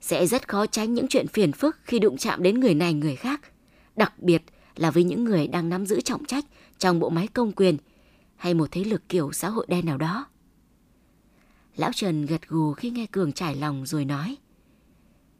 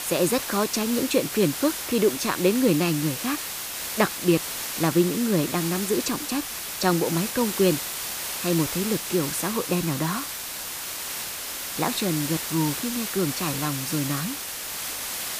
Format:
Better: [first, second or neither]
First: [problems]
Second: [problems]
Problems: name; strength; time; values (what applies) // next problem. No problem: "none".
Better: first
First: none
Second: hiss; loud; throughout; 4 dB below the speech